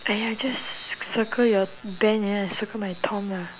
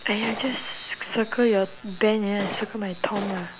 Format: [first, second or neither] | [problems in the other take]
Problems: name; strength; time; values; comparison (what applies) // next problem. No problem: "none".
first | background sound (Gunshot, gunfire); 8 dB below the speech